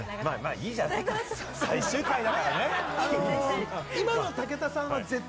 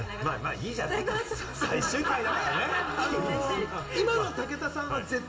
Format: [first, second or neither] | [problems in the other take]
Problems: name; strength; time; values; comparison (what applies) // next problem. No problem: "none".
first | room echo; dies away in 1.5 s